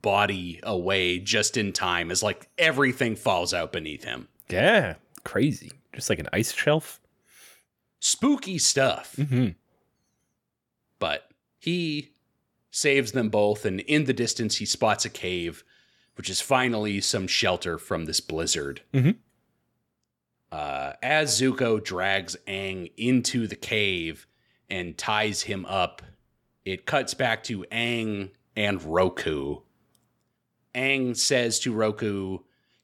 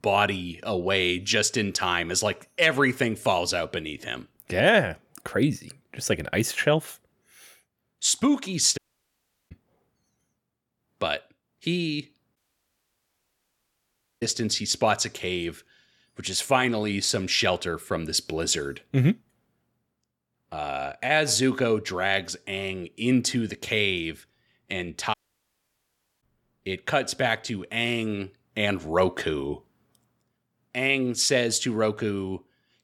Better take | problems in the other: first | audio cutting out; at 9 s for 0.5 s, at 12 s for 2 s and at 25 s for 1 s

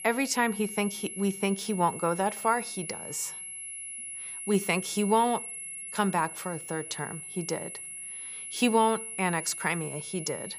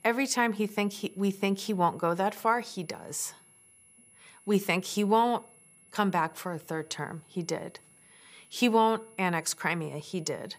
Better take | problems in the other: second | high-pitched whine; loud; throughout; 11 kHz, 8 dB below the speech; faint in the second

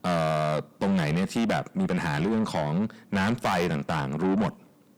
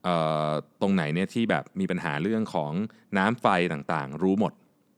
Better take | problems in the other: second | distortion; heavy; 6 dB below the speech

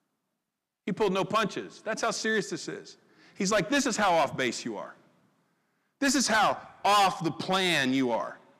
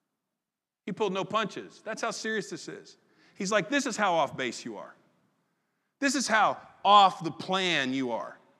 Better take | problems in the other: second | distortion; heavy; 5% of the sound clipped

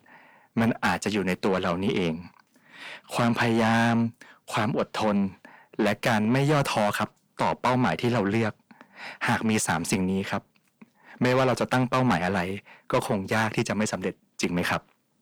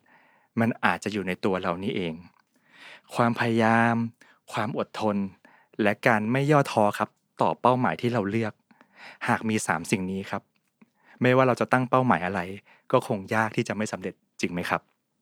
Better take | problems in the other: second | distortion; heavy; 6 dB below the speech

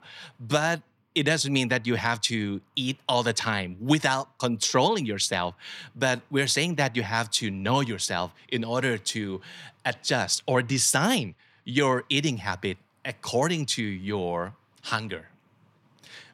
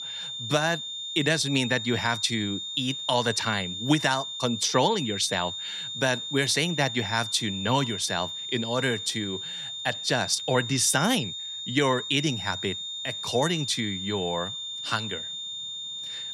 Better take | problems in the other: first | high-pitched whine; loud; throughout; 3.5 kHz, 6 dB below the speech

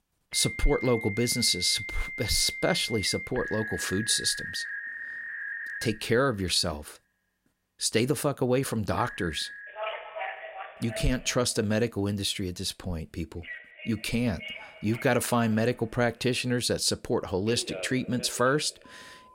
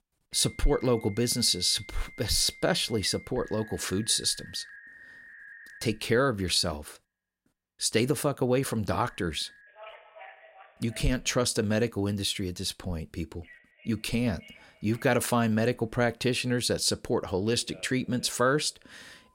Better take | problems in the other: second | alarms or sirens; loud; throughout; 9 dB below the speech; faint in the second

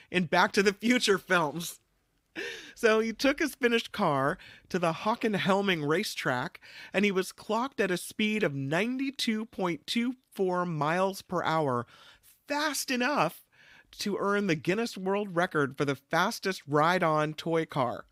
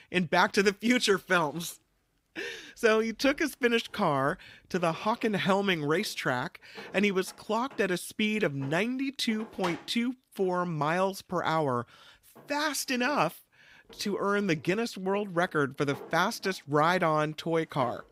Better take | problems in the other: first | household noises; faint; throughout; 20 dB below the speech

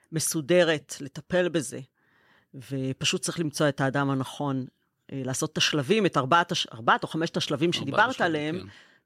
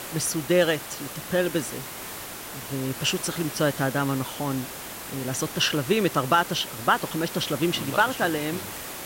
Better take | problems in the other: first | hiss; loud; throughout; 9 dB below the speech

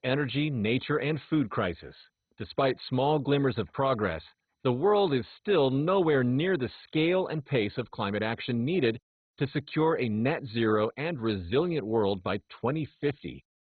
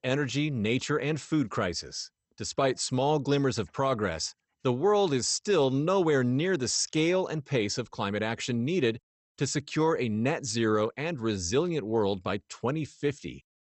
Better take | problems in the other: second | garbled, watery; badly; nothing above 4 kHz; slightly in the second

